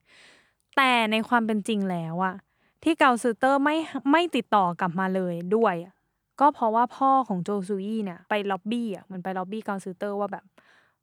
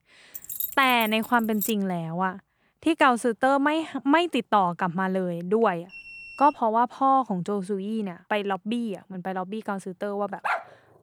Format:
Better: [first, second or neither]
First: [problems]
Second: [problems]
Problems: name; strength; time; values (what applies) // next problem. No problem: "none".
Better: first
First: none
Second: jangling keys; noticeable; until 1.5 s; peak 5 dB below the speech // alarm; faint; at 6 s; peak 15 dB below the speech // dog barking; noticeable; at 10 s; peak 4 dB below the speech